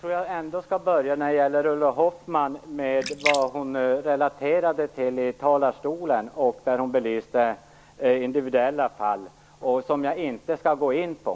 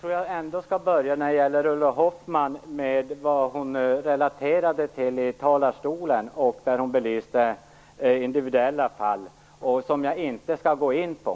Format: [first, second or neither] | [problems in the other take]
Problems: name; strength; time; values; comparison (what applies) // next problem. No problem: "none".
second | background sound (Splash, splatter); 10 dB below the speech